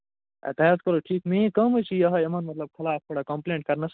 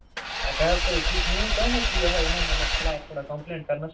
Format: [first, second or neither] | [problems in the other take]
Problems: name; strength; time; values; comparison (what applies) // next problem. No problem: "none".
first | background sound (Engine / Vehicle); 5 dB above the speech // room echo; dies away in 0.2 s